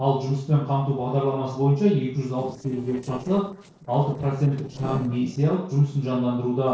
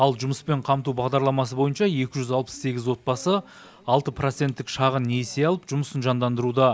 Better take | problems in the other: second | noise reduction (neural separator model SepFormer DNS4)

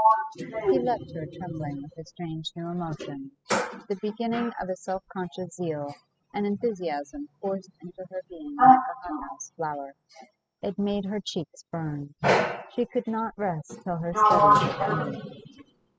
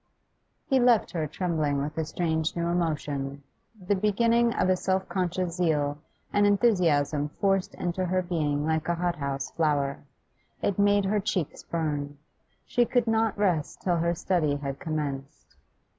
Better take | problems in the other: second | noise reduction (classical method spectral subtraction)

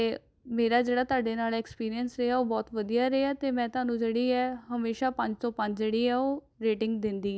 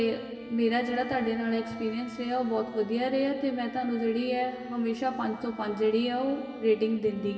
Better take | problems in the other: first | background sound (Bowed string instrument); 19 dB below the speech // room echo; dies away in 2.3 s

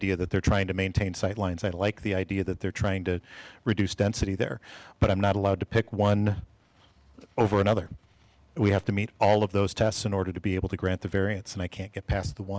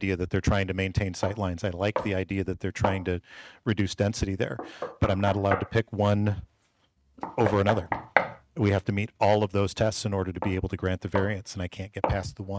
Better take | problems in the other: first | noise reduction (neural mask model RNNoise)

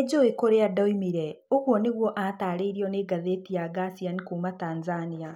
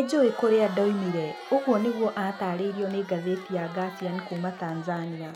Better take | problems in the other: first | background sound (Crowd); 15 dB below the speech

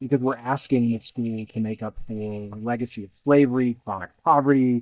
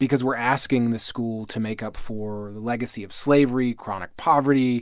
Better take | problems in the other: second | noise reduction (neural mask model DeepFilterNet 3)

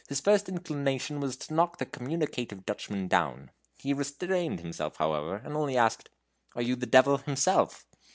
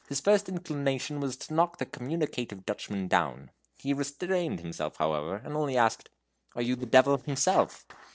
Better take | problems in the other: first | noise reduction (neural separator model SepFormer DNS4)

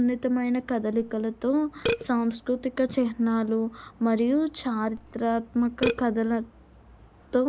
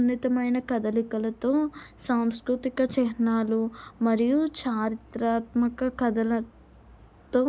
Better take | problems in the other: second | background sound (Burping, eructation); 12 dB below the speech

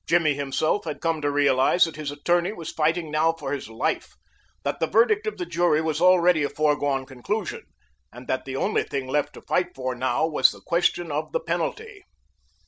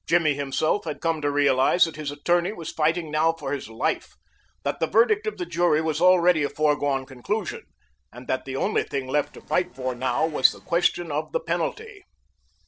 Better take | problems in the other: first | noise reduction (neural separator model SepFormer DNS4)

